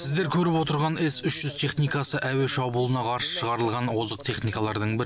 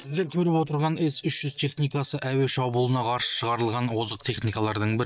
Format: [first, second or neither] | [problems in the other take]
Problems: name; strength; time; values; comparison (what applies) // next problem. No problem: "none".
first | noise reduction (neural mask model DeepFilterNet 3)